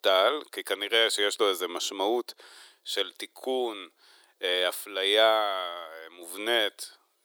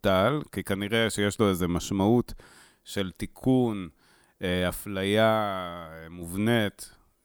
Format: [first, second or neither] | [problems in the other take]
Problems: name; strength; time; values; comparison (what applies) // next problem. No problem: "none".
second | thin; very; fading below 350 Hz